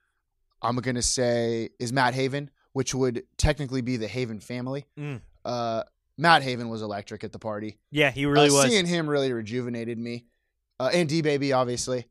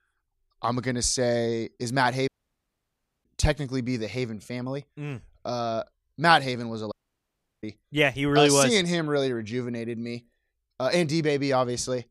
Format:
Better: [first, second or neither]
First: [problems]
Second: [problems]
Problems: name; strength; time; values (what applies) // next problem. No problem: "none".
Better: first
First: none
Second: audio cutting out; at 2.5 s for 1 s and at 7 s for 0.5 s